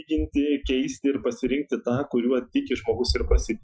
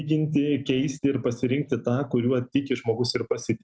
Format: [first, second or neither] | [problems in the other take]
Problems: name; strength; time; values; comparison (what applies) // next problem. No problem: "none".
second | noise reduction (classical method Wiener filter)